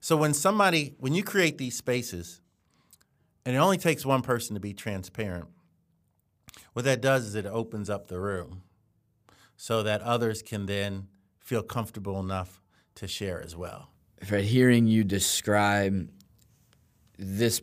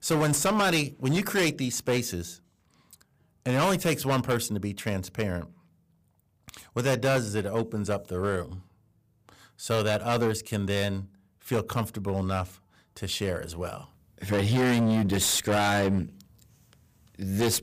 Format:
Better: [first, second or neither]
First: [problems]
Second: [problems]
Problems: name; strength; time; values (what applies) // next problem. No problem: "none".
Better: first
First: none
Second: distortion; heavy; 11% of the sound clipped